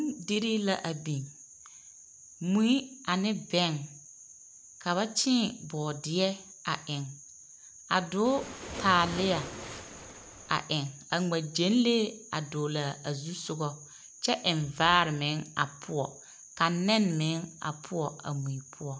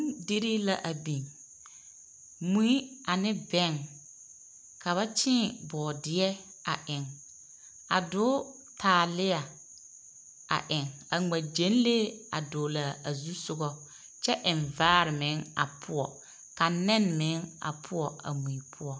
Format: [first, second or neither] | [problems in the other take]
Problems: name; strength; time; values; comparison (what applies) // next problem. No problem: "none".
second | background sound (Waves, surf); 10 dB below the speech